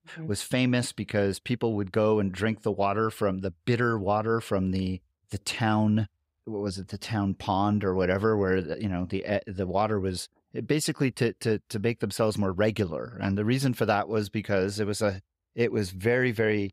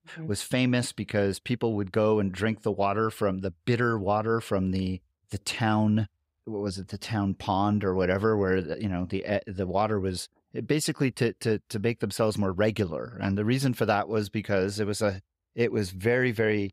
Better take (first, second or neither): neither